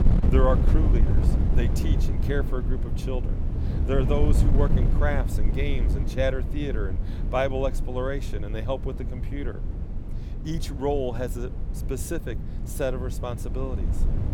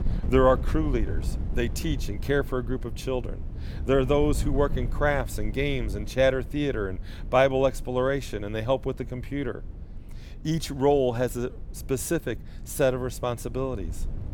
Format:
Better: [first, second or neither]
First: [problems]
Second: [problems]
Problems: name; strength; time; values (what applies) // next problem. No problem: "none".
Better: second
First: wind noise on the microphone; heavy; 8 dB below the speech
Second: wind noise on the microphone; occasional gusts; 20 dB below the speech